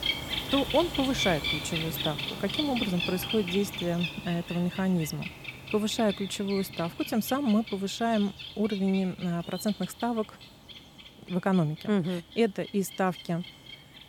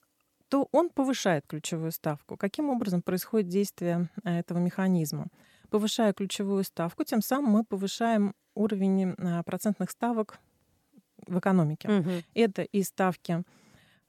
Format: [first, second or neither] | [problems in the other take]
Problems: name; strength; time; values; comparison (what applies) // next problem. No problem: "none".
second | animal sounds; loud; throughout; 5 dB below the speech